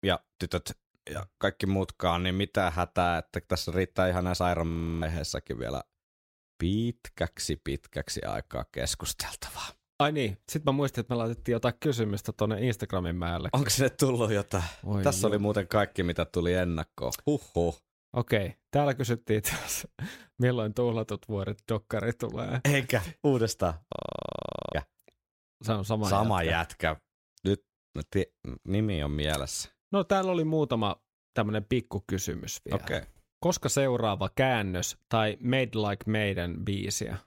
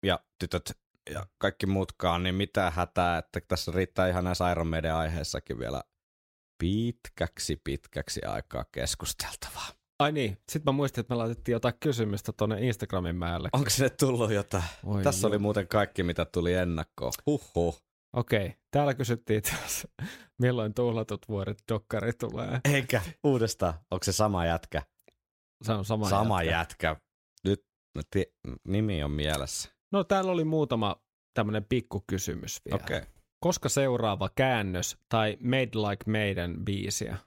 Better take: second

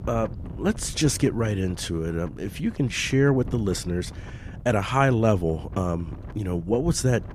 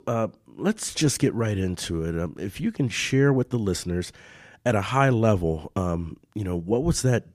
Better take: second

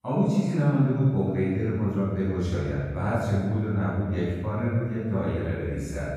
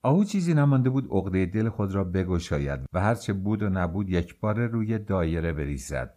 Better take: second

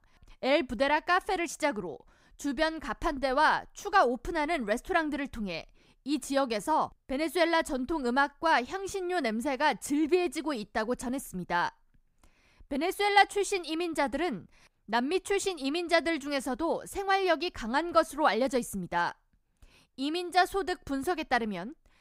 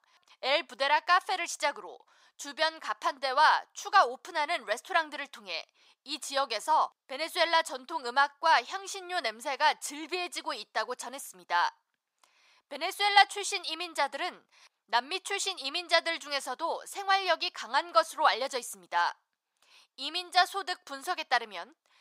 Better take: first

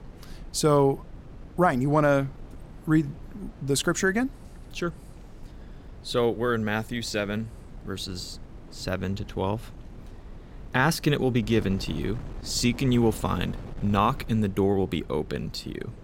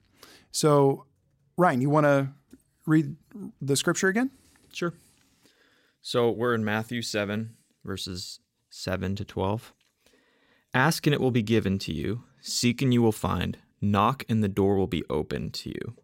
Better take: second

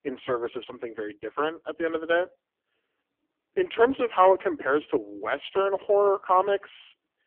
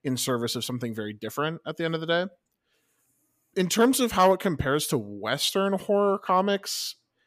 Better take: second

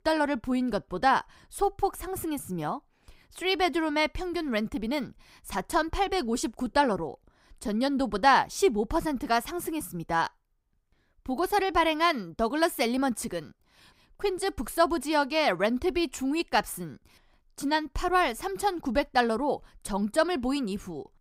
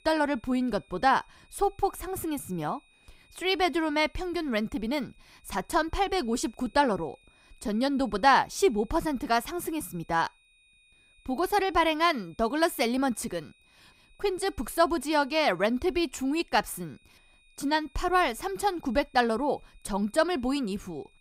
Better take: first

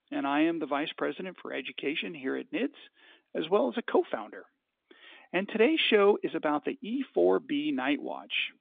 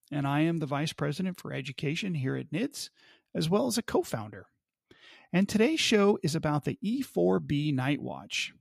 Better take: second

